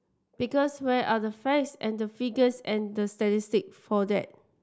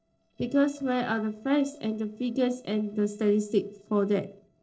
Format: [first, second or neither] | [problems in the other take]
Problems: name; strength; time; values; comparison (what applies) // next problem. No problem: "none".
first | noise reduction (neural separator model SepFormer DNS4)